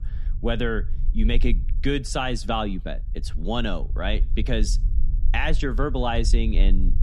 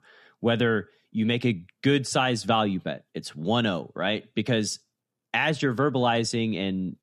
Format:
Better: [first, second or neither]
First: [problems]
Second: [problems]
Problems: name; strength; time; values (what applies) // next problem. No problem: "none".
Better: second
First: low rumble; faint; throughout; 20 dB below the speech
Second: none